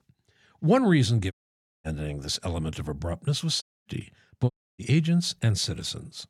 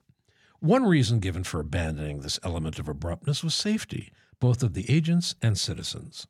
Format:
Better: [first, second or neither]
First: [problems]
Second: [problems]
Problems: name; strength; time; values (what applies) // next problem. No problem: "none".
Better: second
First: audio cutting out; at 1.5 s for 0.5 s, at 3.5 s and at 4.5 s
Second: none